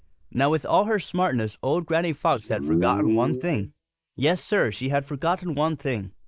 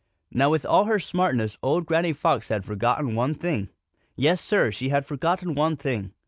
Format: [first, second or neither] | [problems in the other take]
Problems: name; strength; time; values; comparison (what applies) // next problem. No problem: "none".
second | noise reduction (neural mask model Resemble Enhance denoiser)